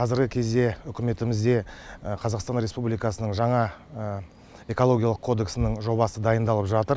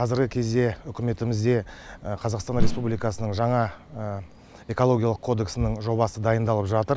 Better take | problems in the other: first | background sound (Whoosh, swoosh, swish); 1 dB below the speech

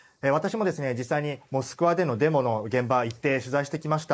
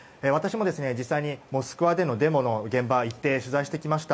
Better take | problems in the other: second | noise reduction (neural mask model Resemble Enhance denoiser)

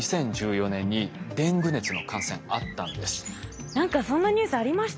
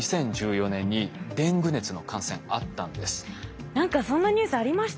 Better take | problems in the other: second | background sound (Bird); 13 dB below the speech

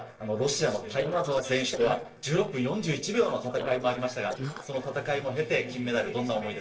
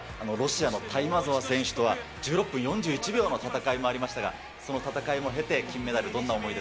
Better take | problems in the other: second | noise reduction (neural separator model SepFormer DNS4)

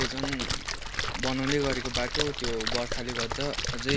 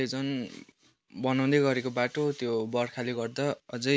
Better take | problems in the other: second | background sound (Splash, splatter); 1 dB above the speech

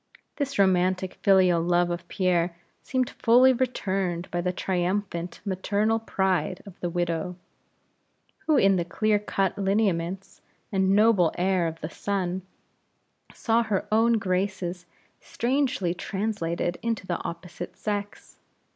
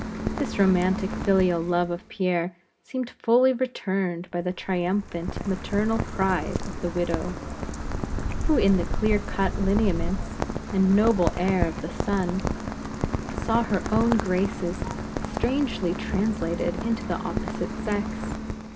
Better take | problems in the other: first | background sound (Rain); 4 dB below the speech // room echo; dies away in 0.3 s

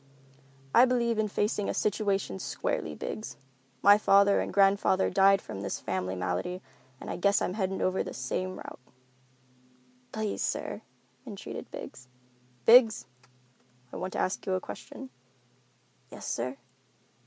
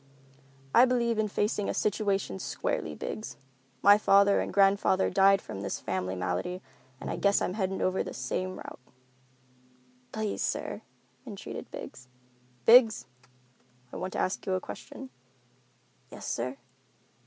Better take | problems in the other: first | background sound (Bowed string instrument); 19 dB below the speech

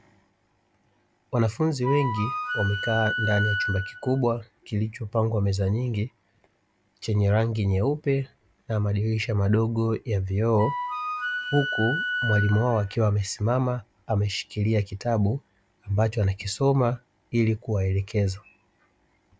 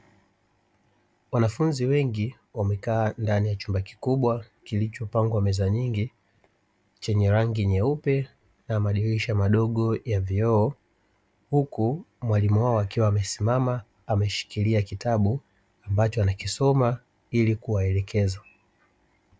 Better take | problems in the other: second | background sound (Wind instrument, woodwind instrument); 4 dB below the speech

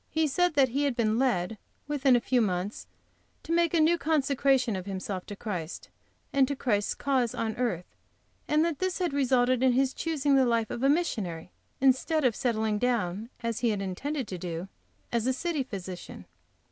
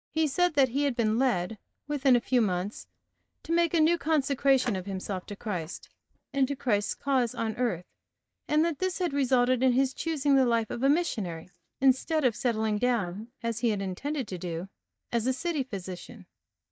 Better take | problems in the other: first | noise reduction (neural mask model DeepFilterNet 3)

